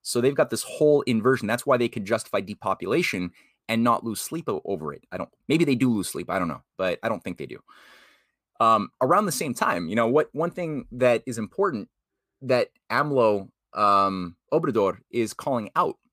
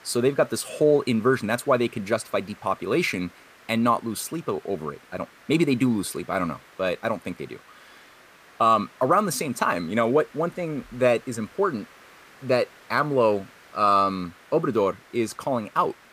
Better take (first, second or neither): first